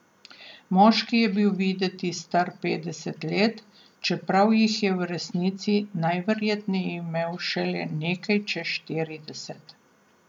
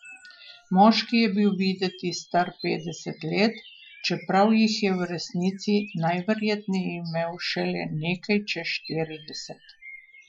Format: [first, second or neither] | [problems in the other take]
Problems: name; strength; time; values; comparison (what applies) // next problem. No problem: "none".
first | noise reduction (classical method Wiener filter)